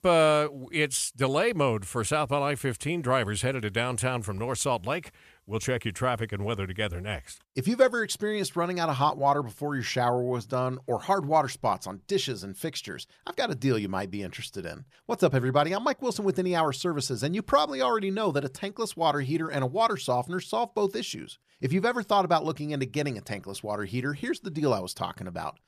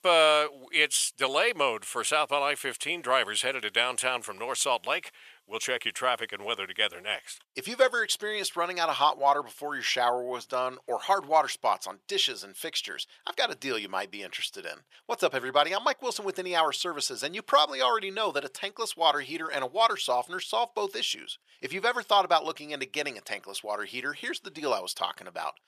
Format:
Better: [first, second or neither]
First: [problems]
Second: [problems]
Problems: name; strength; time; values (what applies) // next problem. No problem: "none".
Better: first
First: none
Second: thin; very; fading below 550 Hz